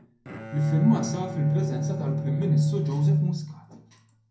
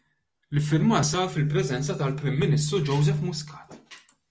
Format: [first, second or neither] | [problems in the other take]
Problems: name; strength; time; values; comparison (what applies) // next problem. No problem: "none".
second | background sound (Bowed string instrument); 14 dB below the speech // room echo; dies away in 0.5 s